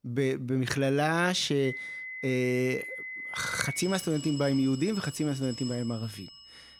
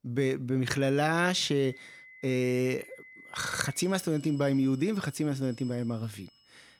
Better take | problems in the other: second | alarms or sirens; loud; throughout; 10 dB below the speech; faint in the second

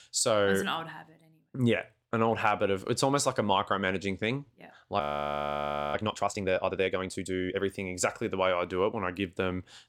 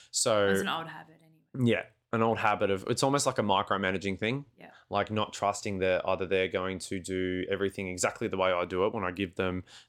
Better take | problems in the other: second | audio freezing; at 5 s for 1 s

